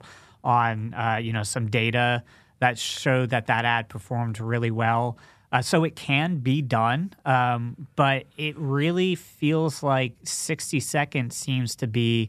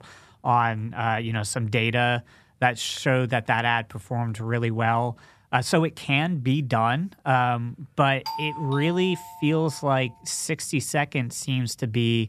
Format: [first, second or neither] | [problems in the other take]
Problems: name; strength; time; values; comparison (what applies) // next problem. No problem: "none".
first | doorbell; noticeable; from 8.5 to 10 s; peak 8 dB below the speech